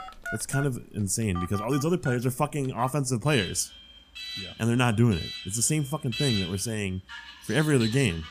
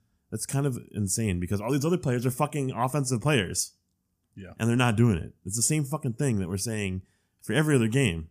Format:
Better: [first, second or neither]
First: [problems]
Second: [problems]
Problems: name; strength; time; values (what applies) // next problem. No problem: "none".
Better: second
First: alarms or sirens; noticeable; throughout; 10 dB below the speech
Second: none